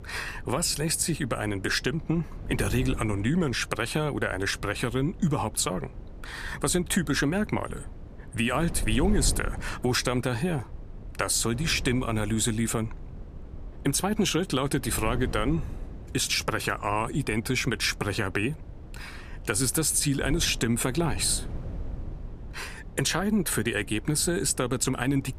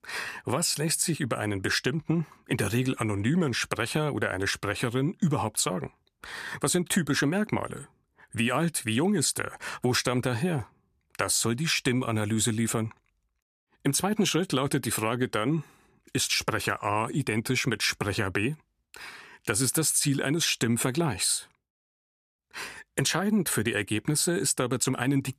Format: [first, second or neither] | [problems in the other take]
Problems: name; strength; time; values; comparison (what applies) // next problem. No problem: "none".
second | wind noise on the microphone; occasional gusts; 20 dB below the speech